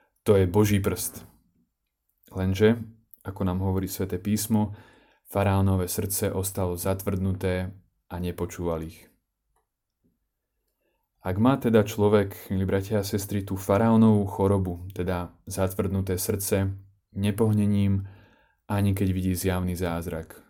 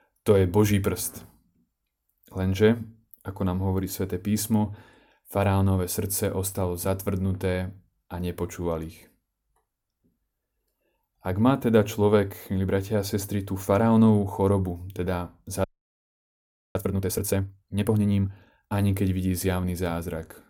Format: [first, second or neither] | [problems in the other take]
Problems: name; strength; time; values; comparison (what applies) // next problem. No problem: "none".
first | audio freezing; at 16 s for 1 s